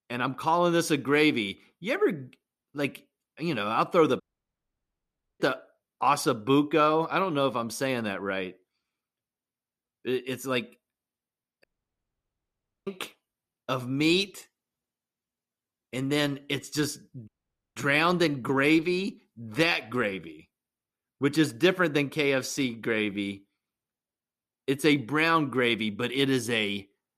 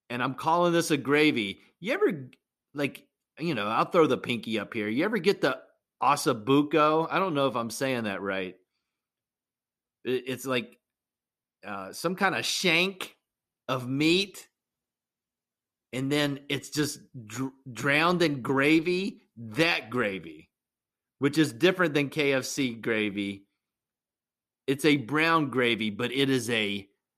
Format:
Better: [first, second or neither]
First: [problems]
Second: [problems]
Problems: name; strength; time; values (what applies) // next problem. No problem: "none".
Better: second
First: audio cutting out; at 4 s for 1 s, at 12 s for 1 s and at 17 s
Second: none